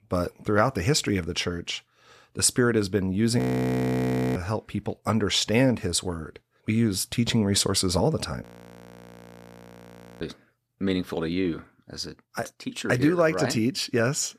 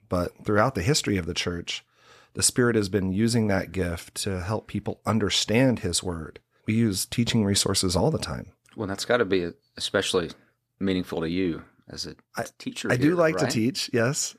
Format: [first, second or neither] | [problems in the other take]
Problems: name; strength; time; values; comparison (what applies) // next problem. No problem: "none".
second | audio freezing; at 3.5 s for 1 s and at 8.5 s for 2 s